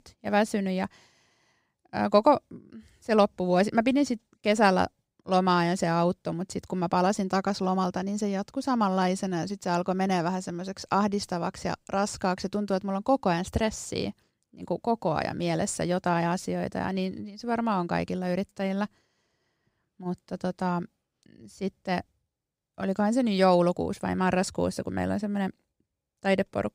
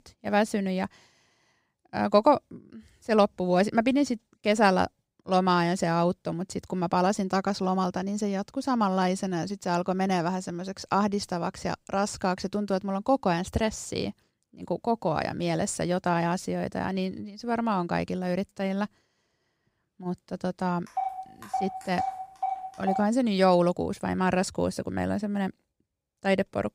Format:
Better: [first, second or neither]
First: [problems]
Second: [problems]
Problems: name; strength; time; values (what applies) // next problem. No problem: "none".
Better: first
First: none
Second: phone ringing; noticeable; from 21 to 23 s; peak 5 dB below the speech